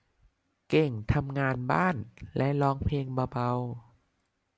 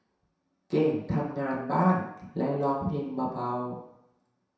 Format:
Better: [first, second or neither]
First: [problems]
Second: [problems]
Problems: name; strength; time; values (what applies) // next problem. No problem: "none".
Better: first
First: none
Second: room echo; dies away in 0.7 s